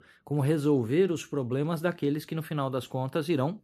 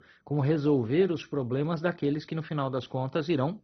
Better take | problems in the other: first | garbled, watery; badly; nothing above 6 kHz

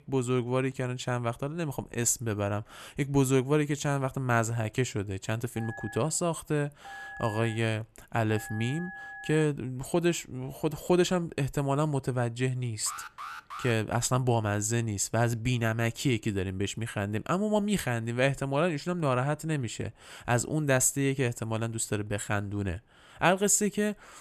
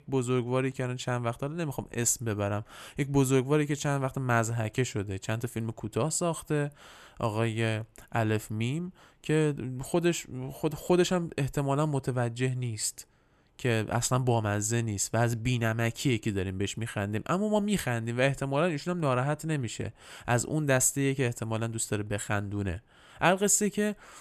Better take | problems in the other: second | phone ringing; faint; from 5.5 to 9.5 s; peak 10 dB below the speech // alarm; faint; at 13 s; peak 10 dB below the speech

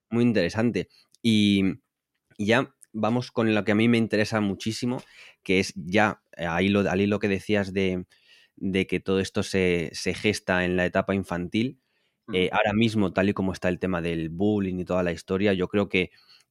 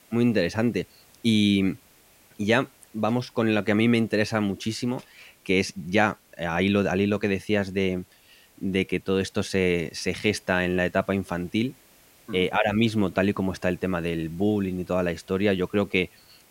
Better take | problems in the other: first | hiss; faint; throughout; 30 dB below the speech

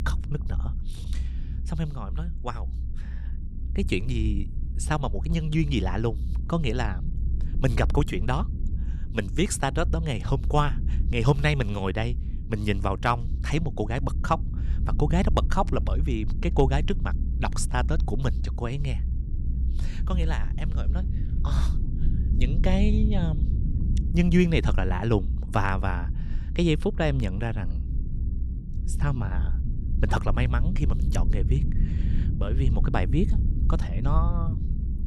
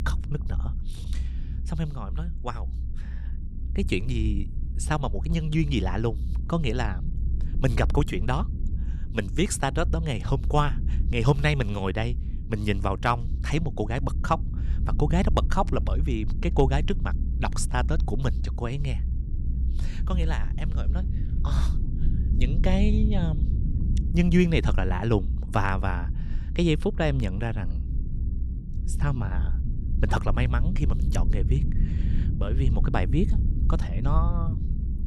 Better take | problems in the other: neither | low rumble; noticeable; throughout; 15 dB below the speech; the same in both

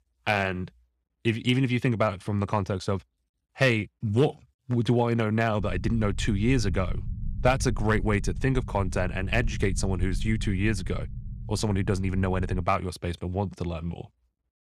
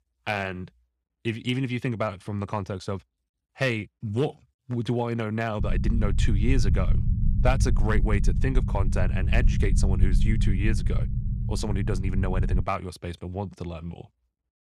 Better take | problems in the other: first | low rumble; loud; from 5.5 to 13 s; 9 dB below the speech; faint in the first

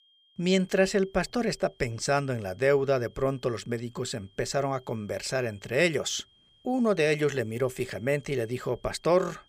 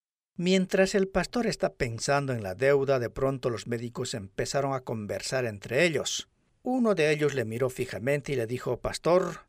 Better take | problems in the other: second | high-pitched whine; faint; throughout; 3 kHz, 30 dB below the speech

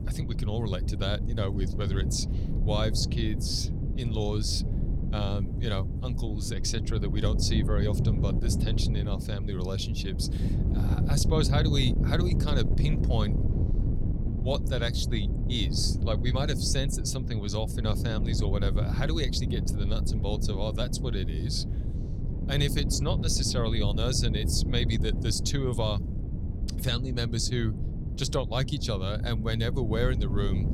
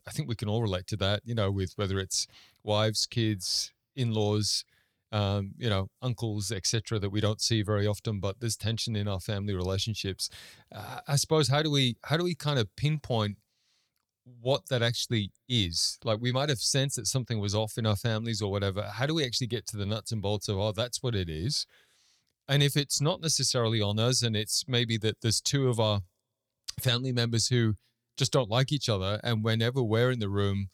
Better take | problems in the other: second | wind noise on the microphone; heavy; 8 dB below the speech

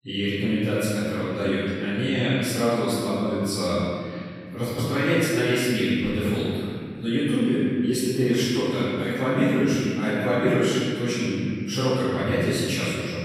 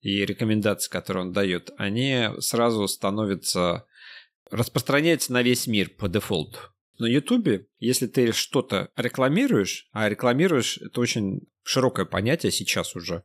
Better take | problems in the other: second | room echo; strong; dies away in 2.5 s // off-mic speech; far

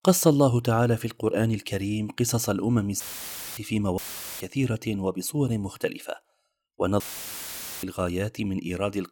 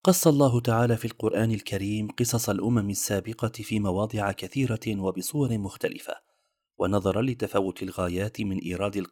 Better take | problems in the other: second | audio cutting out; filled with static; at 3 s for 0.5 s, at 4 s and at 7 s for 1 s

